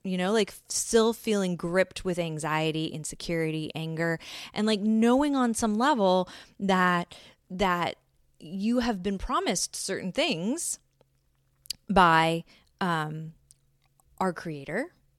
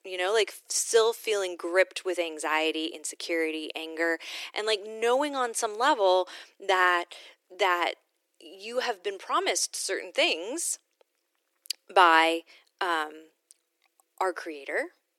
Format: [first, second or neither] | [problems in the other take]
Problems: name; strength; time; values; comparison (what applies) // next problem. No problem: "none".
first | thin; very; fading below 350 Hz